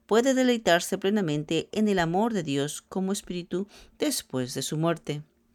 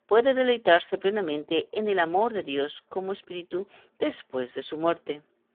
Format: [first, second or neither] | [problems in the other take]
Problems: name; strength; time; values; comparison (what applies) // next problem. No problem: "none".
first | phone-call audio; poor line; nothing above 3.5 kHz